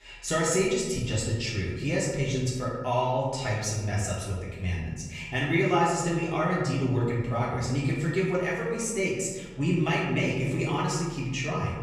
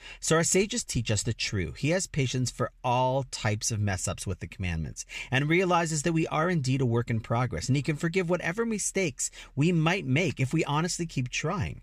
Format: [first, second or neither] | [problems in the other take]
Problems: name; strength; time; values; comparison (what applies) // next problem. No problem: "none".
second | room echo; noticeable; dies away in 1.1 s // off-mic speech; far